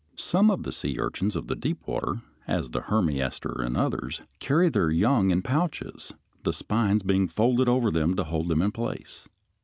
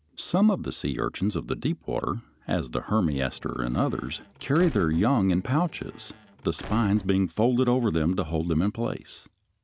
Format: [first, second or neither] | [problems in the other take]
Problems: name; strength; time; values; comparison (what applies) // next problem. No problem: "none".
first | background sound (Squeak / Slam / Wood); 18 dB below the speech